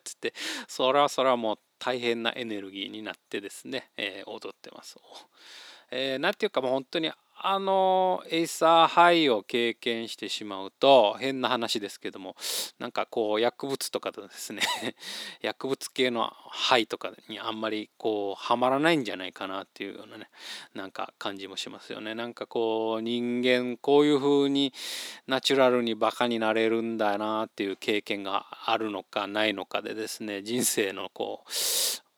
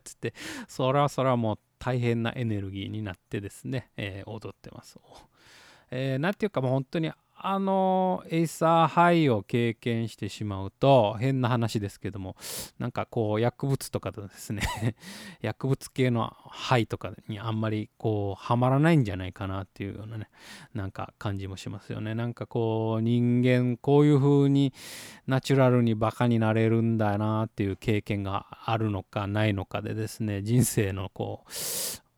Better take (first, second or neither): second